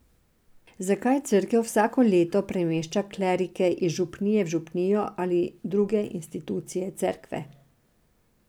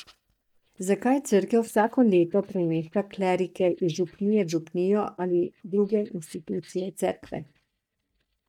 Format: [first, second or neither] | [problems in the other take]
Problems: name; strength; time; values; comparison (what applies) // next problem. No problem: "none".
first | noise reduction (neural mask model DeepFilterNet 3)